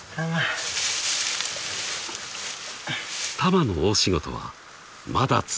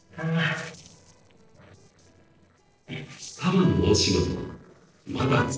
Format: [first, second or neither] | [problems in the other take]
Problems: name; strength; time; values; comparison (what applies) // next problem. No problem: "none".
first | noise reduction (neural separator model SepFormer DNS4)